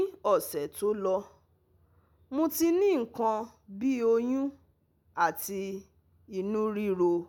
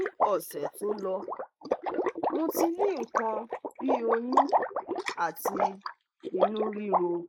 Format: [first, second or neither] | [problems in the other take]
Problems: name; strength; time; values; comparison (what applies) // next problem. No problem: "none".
first | noise reduction (neural mask model Resemble Enhance denoiser)